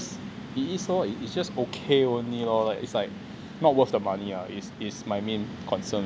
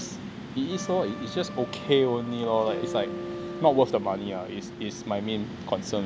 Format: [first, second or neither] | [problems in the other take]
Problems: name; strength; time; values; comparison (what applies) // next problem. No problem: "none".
first | background sound (Trumpet + Acoustic guitar); 12 dB below the speech